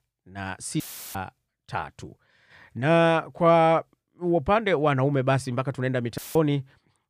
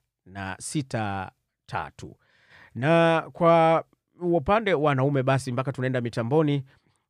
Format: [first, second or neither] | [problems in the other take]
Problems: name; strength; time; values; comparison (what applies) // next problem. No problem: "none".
second | audio cutting out; filled with static; at 1 s and at 6 s